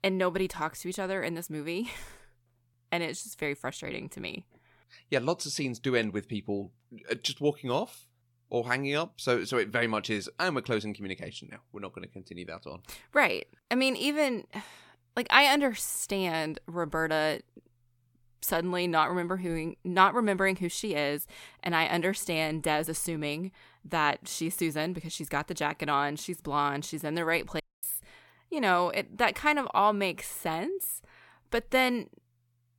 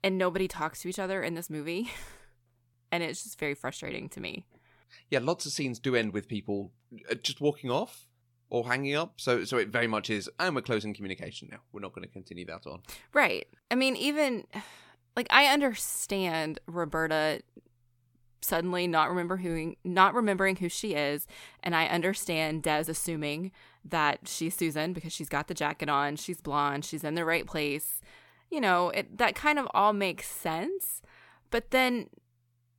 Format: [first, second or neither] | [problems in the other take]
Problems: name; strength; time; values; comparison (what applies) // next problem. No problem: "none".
second | audio cutting out; at 28 s